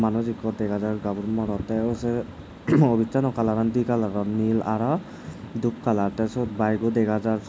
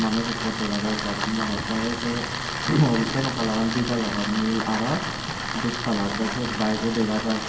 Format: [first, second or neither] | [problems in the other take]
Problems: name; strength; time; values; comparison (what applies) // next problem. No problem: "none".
first | background sound (Tools); 4 dB below the speech // room echo; dies away in 2.1 s